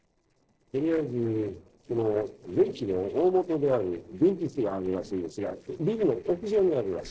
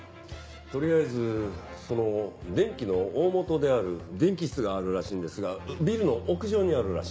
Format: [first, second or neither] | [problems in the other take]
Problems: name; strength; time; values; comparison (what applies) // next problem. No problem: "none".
second | noise reduction (neural separator model SepFormer DNS4)